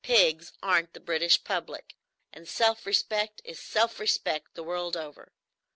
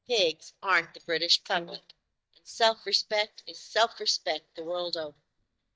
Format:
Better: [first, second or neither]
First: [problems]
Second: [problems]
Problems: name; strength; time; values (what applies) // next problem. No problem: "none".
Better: first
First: none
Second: noise reduction (neural mask model DeepFilterNet 3)